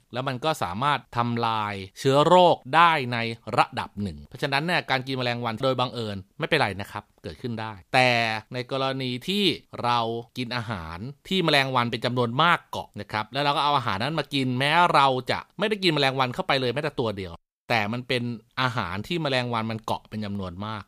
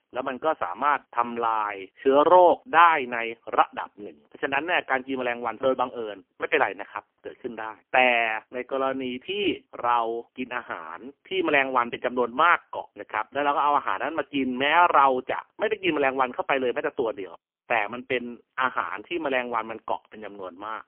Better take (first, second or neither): first